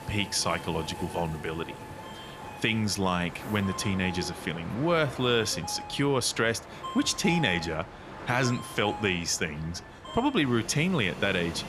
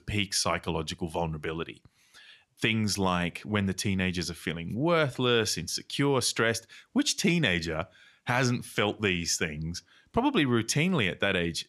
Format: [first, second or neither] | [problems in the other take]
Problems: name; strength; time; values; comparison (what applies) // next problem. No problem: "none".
second | train or aircraft noise; noticeable; throughout; 10 dB below the speech